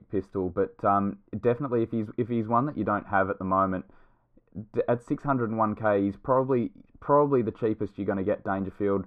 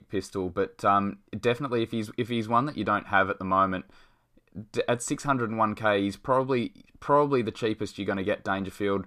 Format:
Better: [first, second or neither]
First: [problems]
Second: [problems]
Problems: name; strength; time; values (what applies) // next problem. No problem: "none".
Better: second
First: muffled; very; fading above 2.5 kHz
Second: none